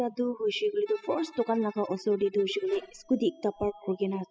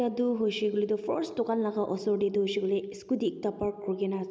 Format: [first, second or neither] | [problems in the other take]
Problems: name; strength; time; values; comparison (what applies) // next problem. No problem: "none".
second | noise reduction (classical method spectral subtraction)